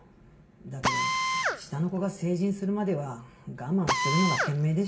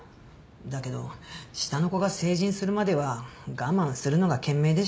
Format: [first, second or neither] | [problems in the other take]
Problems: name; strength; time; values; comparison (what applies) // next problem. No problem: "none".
second | background sound (Drill); 2 dB below the speech // room echo; dies away in 0.2 s